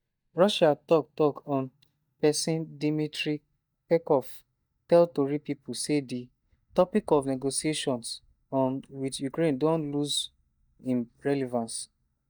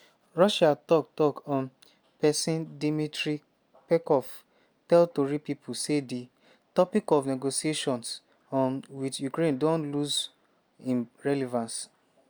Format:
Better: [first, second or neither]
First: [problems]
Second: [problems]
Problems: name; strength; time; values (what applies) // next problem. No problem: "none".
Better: second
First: noise reduction (neural mask model DeepFilterNet 3)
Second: none